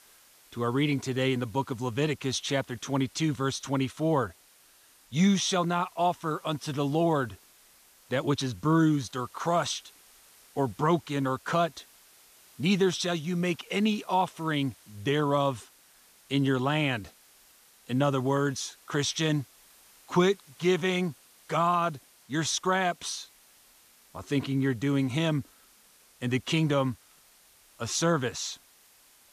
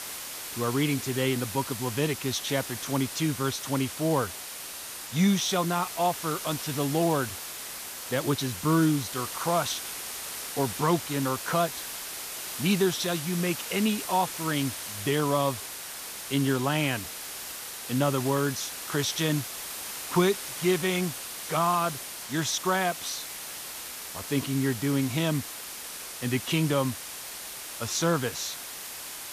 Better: first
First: hiss; faint; throughout; 25 dB below the speech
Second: hiss; loud; throughout; 7 dB below the speech

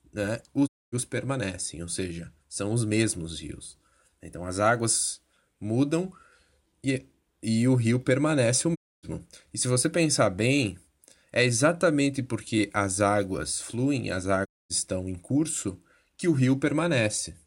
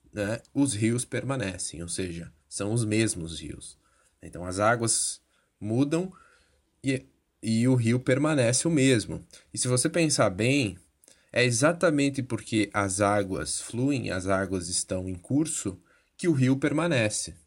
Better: second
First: audio cutting out; at 0.5 s, at 9 s and at 14 s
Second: none

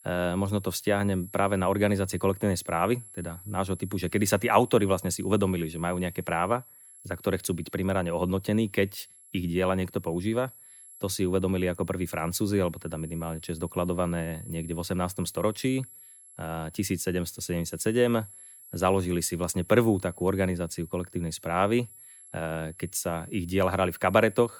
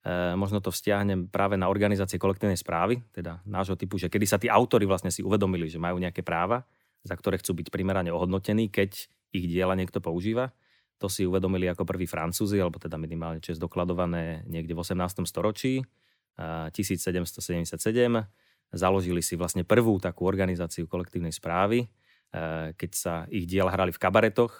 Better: second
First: high-pitched whine; noticeable; throughout; 11 kHz, 20 dB below the speech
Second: none

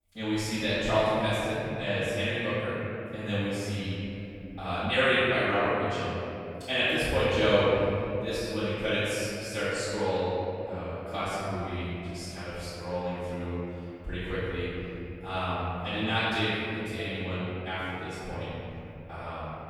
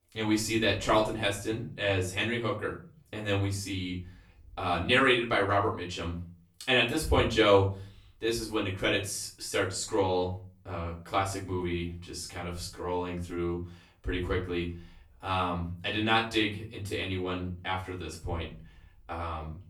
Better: second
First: room echo; strong; dies away in 3 s // off-mic speech; far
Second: room echo; slight; dies away in 0.4 s // off-mic speech; far

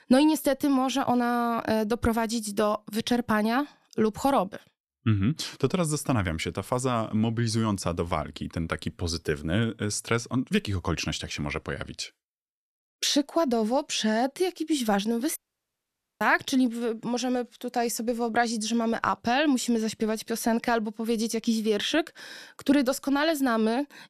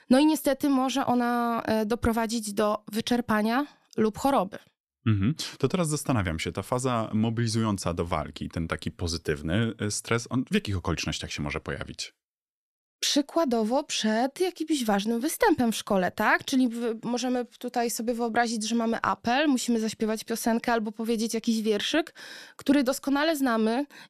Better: second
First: audio cutting out; at 15 s for 1 s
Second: none

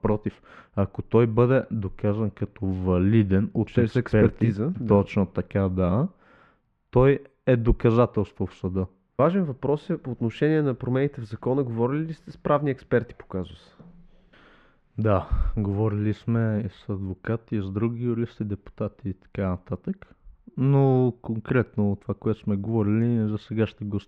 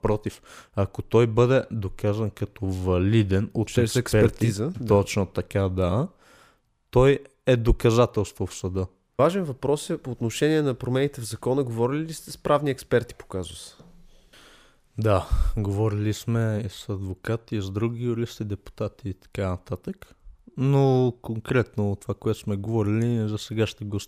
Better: second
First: muffled; very; fading above 2 kHz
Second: none

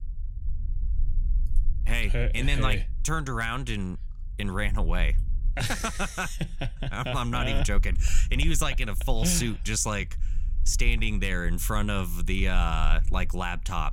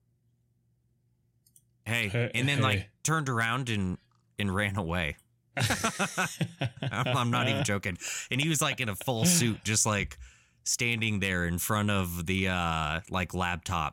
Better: second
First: low rumble; faint; throughout; 25 dB below the speech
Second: none

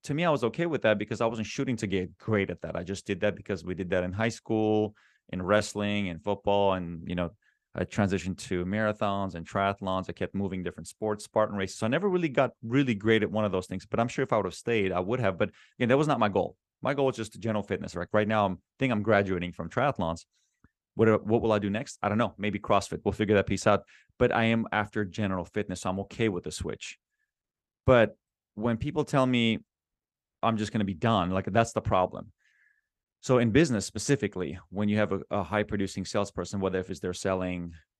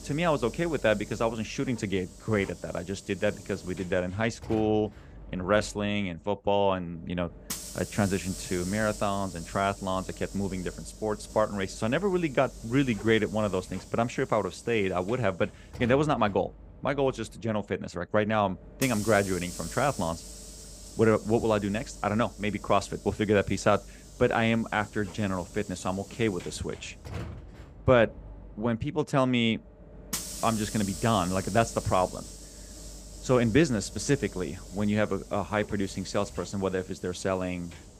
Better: first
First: none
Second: hiss; noticeable; throughout; 15 dB below the speech

